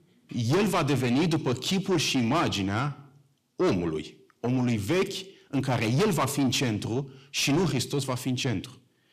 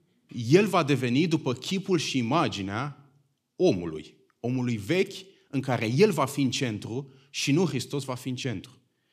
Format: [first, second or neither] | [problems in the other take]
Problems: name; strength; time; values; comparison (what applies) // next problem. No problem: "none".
second | distortion; heavy; 6 dB below the speech